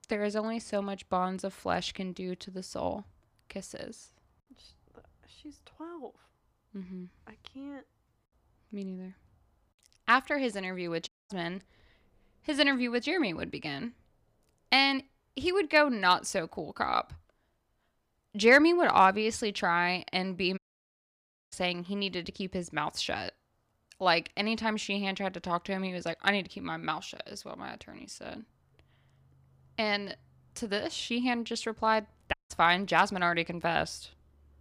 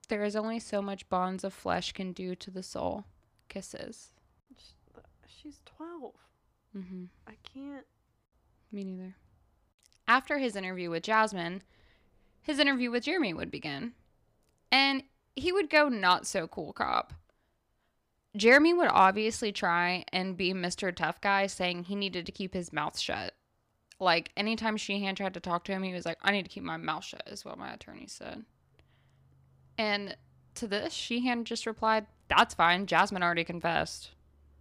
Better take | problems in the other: second | audio cutting out; at 11 s, at 21 s for 1 s and at 32 s

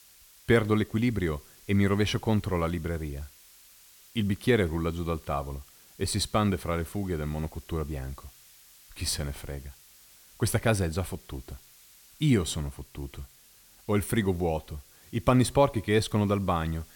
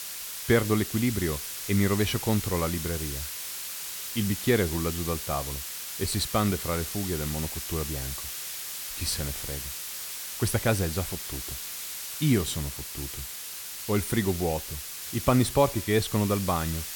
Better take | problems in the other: first | hiss; loud; throughout; 6 dB below the speech; faint in the first

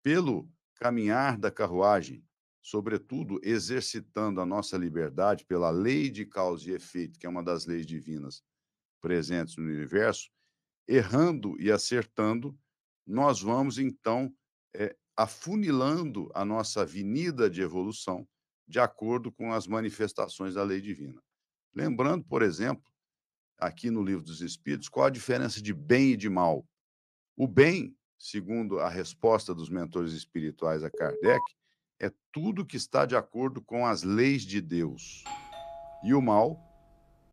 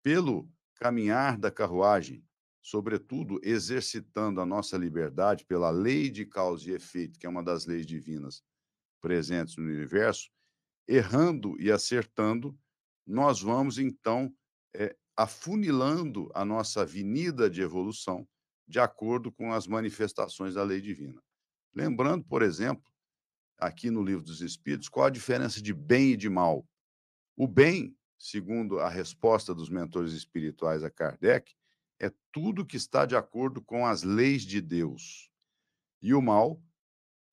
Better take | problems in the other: second | alarm; noticeable; at 31 s; peak 4 dB below the speech // doorbell; faint; from 35 to 36 s; peak 10 dB below the speech

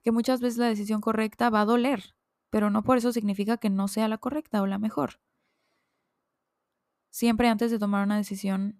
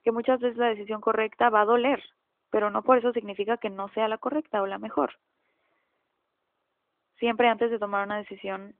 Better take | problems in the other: first | phone-call audio; nothing above 3 kHz

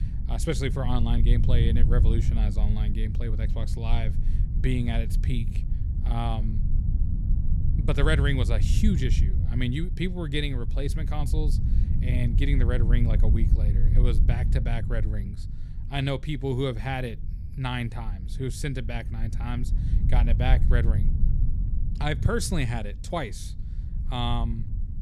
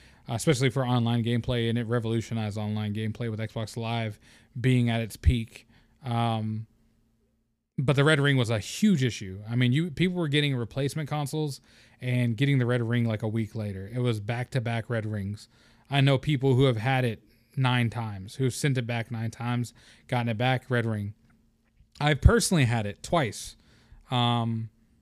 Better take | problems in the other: second | low rumble; loud; throughout; 10 dB below the speech

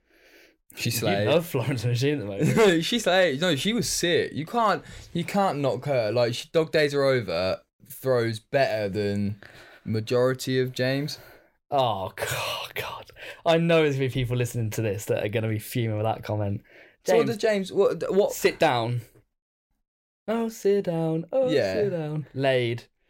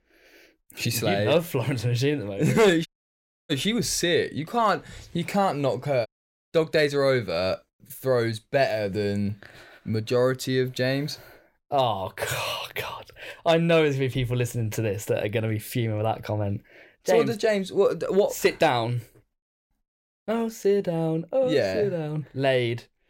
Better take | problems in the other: first | audio cutting out; at 3 s for 0.5 s and at 6 s

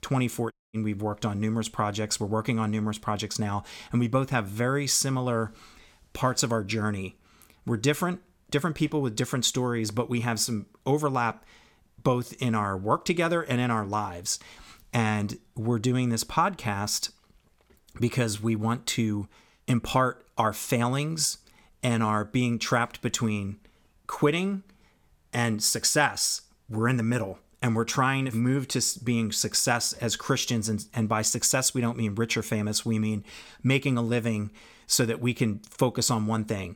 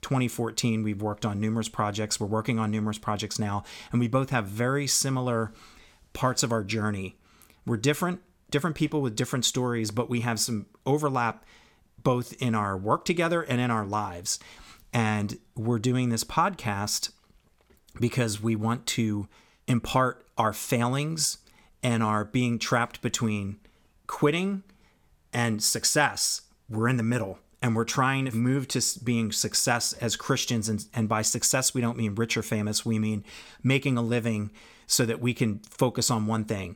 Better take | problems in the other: second | audio cutting out; at 0.5 s

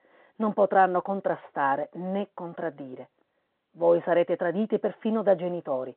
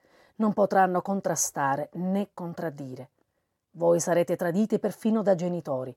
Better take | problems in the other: second | phone-call audio

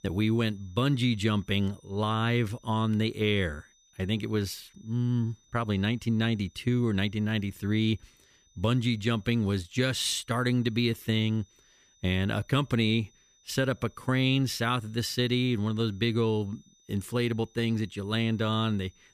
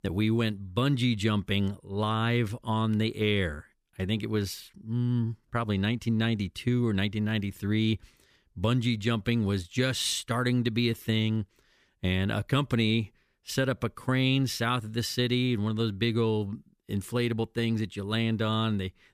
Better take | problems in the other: second | high-pitched whine; faint; throughout; 6 kHz, 35 dB below the speech

